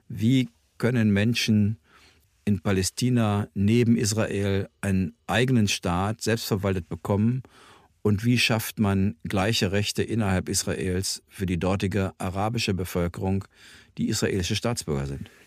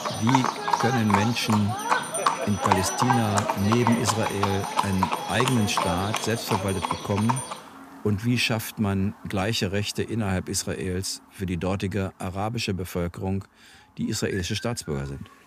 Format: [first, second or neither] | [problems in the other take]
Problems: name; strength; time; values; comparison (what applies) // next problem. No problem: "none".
first | animal sounds; loud; throughout; as loud as the speech